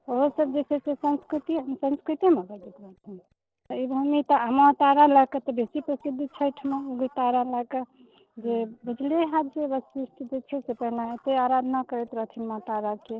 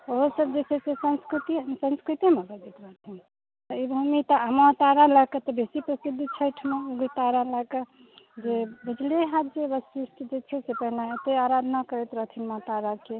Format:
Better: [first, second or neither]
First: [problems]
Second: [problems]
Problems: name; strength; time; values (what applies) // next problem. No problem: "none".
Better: second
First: noise reduction (neural separator model SepFormer DNS4)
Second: none